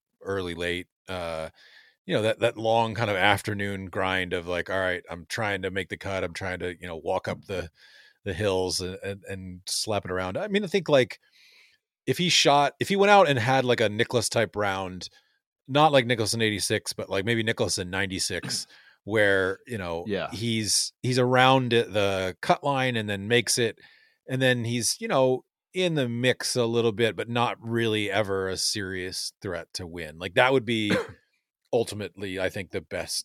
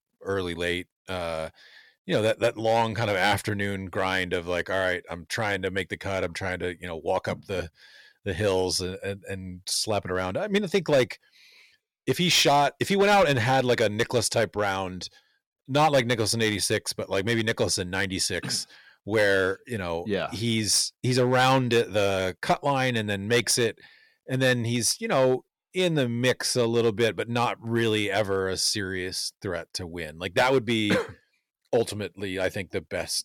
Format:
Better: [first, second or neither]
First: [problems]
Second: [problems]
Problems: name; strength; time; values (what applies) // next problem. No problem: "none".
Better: first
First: none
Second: distortion; slight; 2% of the sound clipped